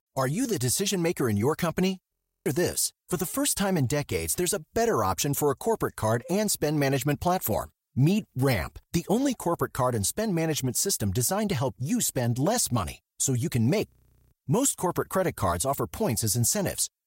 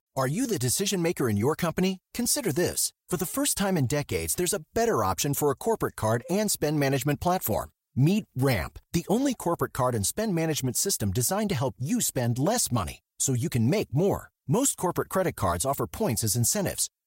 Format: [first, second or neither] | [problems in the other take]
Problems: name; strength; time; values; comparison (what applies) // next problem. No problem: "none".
second | audio freezing; at 2 s and at 14 s